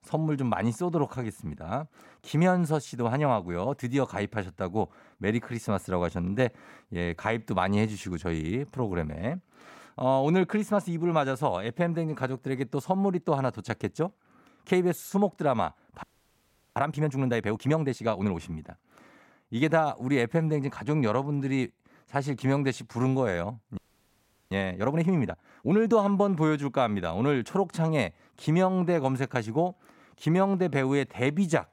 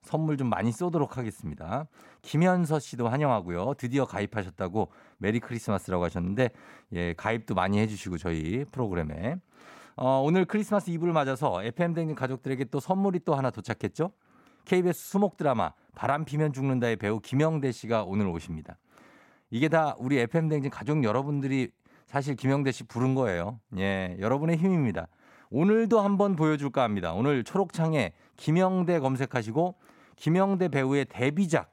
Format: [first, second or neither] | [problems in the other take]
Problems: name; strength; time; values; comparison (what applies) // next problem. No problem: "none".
second | audio freezing; at 16 s for 0.5 s and at 24 s for 0.5 s